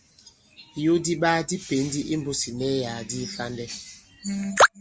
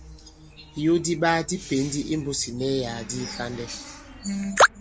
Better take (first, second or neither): first